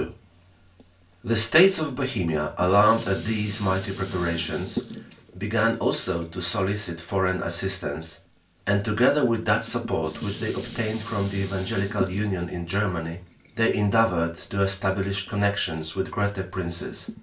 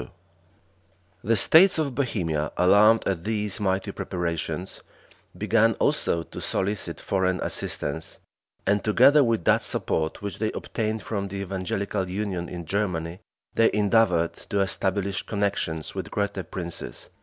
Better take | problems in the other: second | background sound (Dishes, pots, and pans); 16 dB below the speech // room echo; dies away in 0.3 s

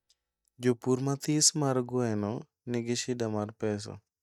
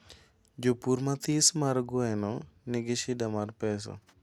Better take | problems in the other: second | noise reduction (neural mask model DeepFilterNet 3)

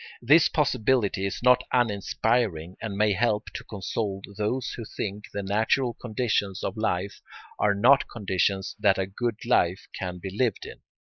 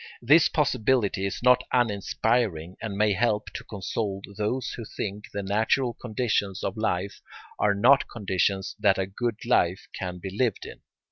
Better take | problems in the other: second | noise reduction (neural mask model Resemble Enhance denoiser)

